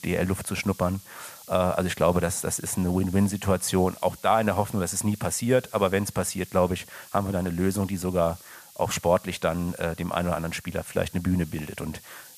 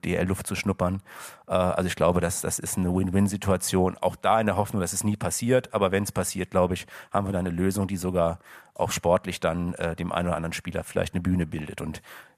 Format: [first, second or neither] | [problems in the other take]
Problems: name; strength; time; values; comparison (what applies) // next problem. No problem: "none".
second | hiss; noticeable; throughout; 20 dB below the speech